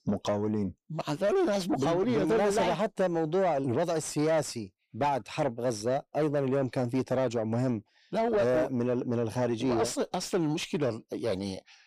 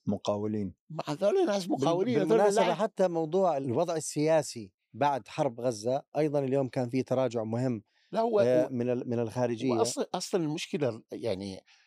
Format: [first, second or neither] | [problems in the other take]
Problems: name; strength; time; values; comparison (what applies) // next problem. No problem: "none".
second | distortion; slight; 10 dB below the speech